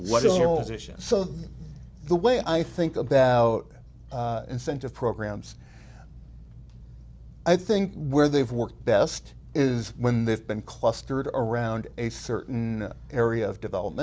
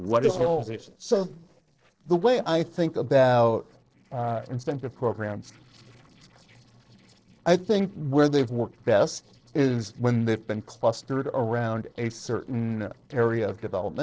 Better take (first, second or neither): first